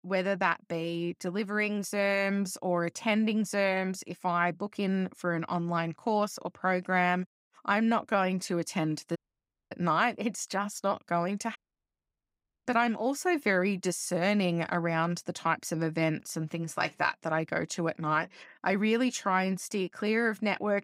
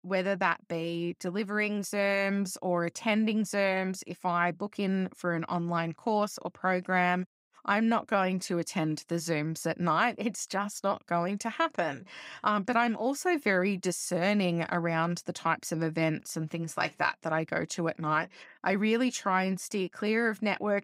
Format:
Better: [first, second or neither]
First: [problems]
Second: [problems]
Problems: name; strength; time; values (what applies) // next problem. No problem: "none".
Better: second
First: audio cutting out; at 9 s for 0.5 s and at 12 s for 1 s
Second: none